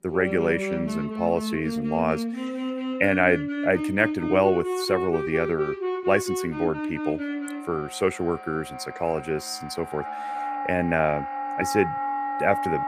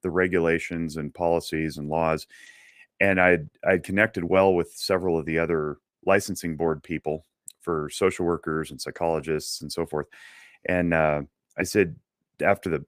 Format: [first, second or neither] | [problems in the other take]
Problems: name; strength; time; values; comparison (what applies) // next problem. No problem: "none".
second | background music; loud; throughout; 4 dB below the speech